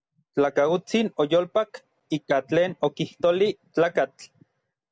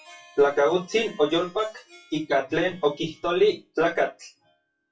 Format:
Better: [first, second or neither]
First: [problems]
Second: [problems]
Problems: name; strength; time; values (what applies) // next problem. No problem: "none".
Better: first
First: none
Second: noise reduction (classical method WPE with log-MMSE)